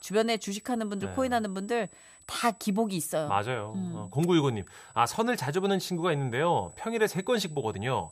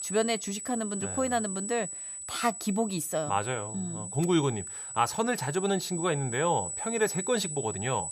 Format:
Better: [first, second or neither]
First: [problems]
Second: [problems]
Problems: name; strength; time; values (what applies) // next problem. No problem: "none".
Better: first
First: high-pitched whine; faint; throughout; 8 kHz, 25 dB below the speech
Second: high-pitched whine; loud; throughout; 8 kHz, 5 dB below the speech